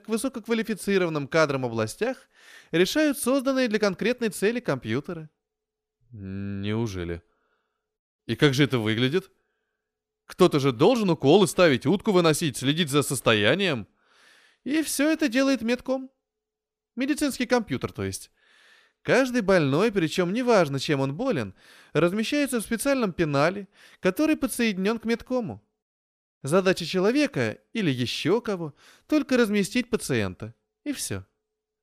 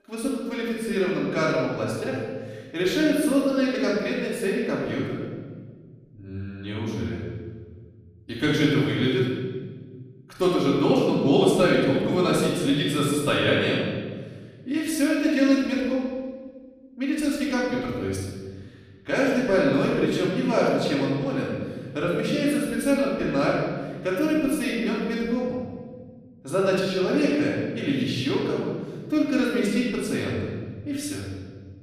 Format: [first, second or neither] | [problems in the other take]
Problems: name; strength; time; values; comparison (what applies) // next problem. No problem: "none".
first | room echo; strong; dies away in 1.6 s // off-mic speech; far